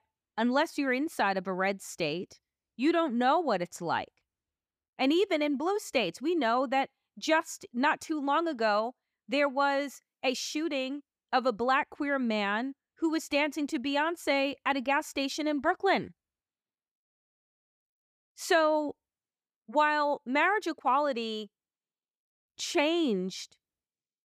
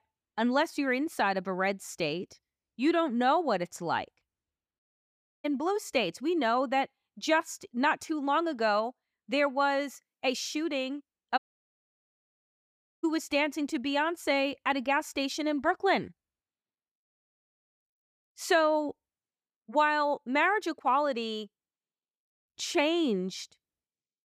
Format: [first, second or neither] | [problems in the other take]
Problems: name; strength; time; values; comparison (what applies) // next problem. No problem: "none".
first | audio cutting out; at 5 s for 0.5 s and at 11 s for 1.5 s